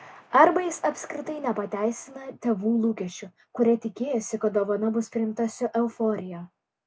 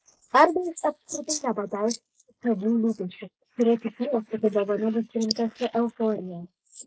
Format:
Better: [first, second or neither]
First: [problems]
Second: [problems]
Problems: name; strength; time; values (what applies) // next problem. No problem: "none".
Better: first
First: none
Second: noise reduction (neural mask model Resemble Enhance denoiser)